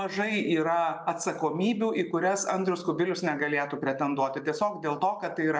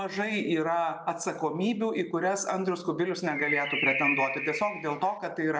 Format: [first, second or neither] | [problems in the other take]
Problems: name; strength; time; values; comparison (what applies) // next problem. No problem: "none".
first | background sound (Bird); 2 dB below the speech